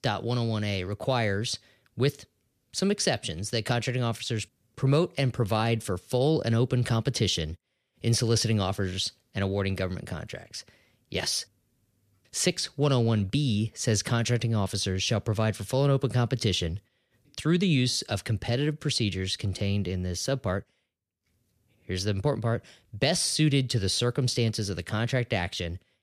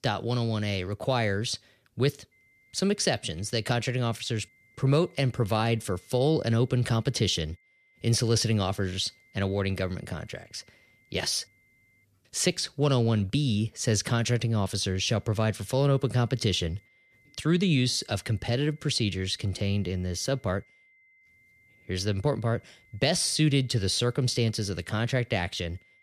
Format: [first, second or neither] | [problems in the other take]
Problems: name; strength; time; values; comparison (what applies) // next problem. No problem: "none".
first | high-pitched whine; faint; from 2.5 to 12 s and from 15 s on; 2 kHz, 35 dB below the speech